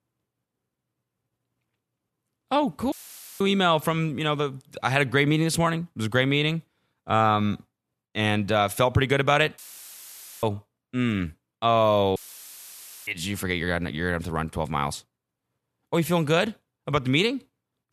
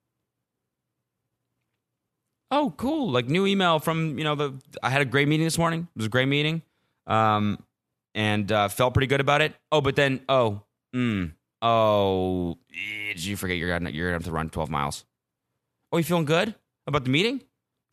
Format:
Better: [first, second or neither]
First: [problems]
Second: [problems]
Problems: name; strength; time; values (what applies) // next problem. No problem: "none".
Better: second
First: audio cutting out; filled with static; at 3 s, at 9.5 s for 1 s and at 12 s for 1 s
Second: none